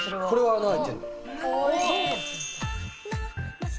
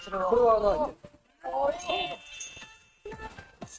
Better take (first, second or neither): first